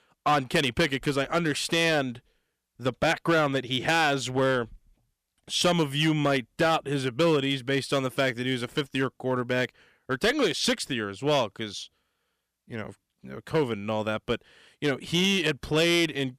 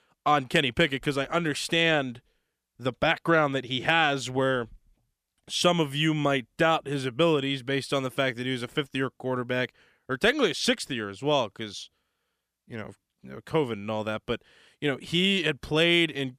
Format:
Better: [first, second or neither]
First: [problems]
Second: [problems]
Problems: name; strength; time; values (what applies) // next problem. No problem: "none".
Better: second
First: distortion; slight; 4% of the sound clipped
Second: none